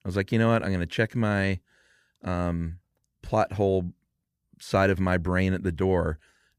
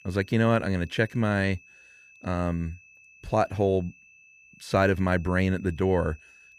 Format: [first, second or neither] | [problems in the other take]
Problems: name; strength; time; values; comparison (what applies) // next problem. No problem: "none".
first | high-pitched whine; faint; throughout; 2.5 kHz, 25 dB below the speech